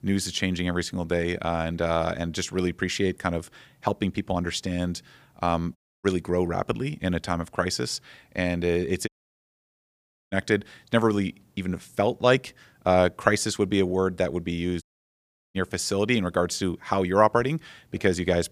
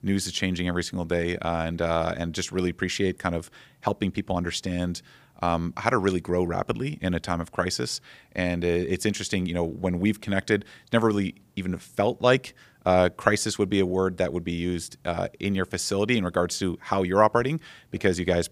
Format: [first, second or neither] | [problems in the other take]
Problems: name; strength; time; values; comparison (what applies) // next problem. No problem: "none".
second | audio cutting out; at 6 s, at 9 s for 1 s and at 15 s for 0.5 s